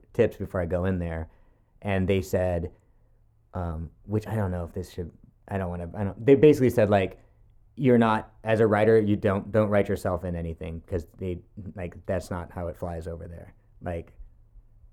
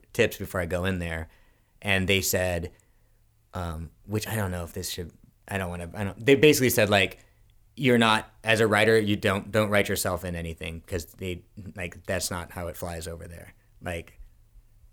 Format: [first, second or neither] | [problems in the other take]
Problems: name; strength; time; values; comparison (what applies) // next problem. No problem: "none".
second | muffled; very; fading above 1.5 kHz